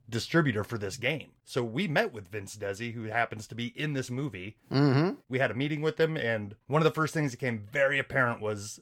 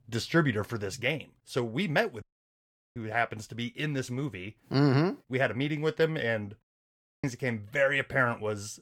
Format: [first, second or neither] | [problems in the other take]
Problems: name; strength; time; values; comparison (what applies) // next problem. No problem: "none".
first | audio cutting out; at 2 s for 0.5 s and at 6.5 s for 0.5 s